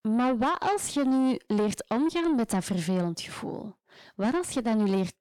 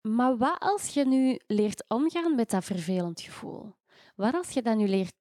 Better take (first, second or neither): second